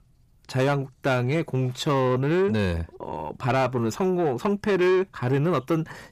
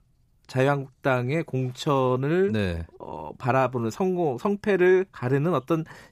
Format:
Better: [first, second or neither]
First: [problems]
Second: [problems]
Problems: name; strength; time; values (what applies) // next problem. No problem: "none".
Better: second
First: distortion; slight; 10 dB below the speech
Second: none